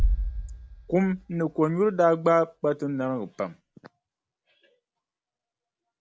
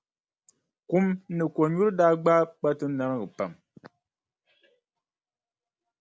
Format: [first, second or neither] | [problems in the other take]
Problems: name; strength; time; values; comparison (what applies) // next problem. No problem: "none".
second | background sound (Bass drum); 6 dB below the speech